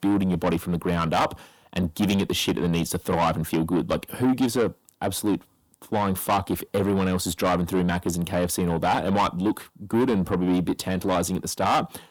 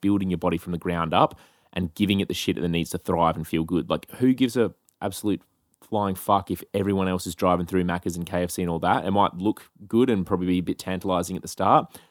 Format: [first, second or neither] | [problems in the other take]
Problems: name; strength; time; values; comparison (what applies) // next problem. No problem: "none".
second | distortion; heavy; 7 dB below the speech